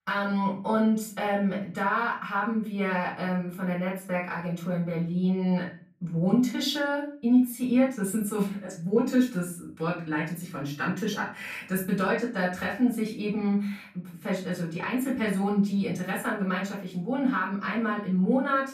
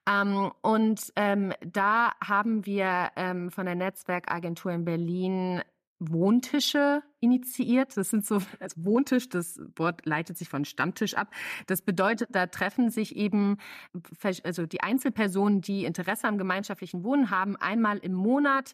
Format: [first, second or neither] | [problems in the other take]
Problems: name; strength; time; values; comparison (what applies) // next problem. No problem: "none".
second | room echo; slight; dies away in 0.3 s // off-mic speech; far